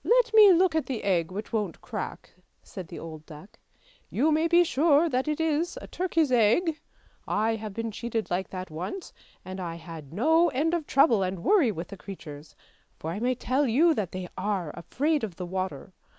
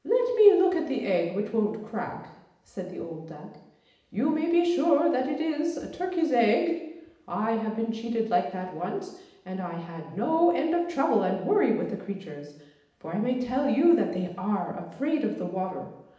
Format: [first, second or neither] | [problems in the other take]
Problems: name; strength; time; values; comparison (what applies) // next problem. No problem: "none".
first | room echo; dies away in 0.8 s